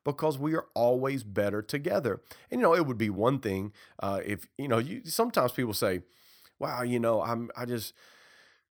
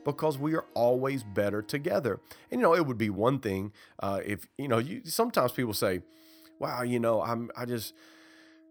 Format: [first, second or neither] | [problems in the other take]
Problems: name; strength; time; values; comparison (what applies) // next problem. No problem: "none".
first | background music; faint; throughout; 30 dB below the speech